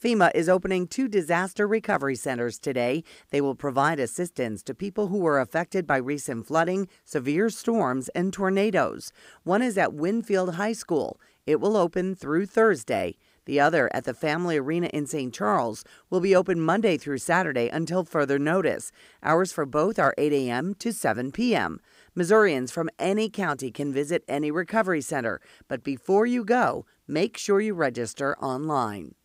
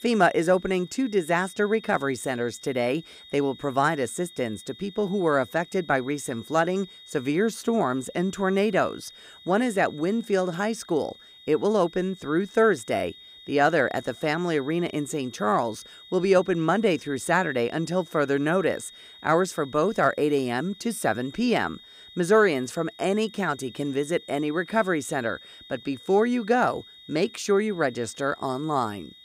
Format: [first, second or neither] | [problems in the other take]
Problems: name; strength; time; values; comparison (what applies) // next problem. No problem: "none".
first | high-pitched whine; faint; throughout; 3.5 kHz, 20 dB below the speech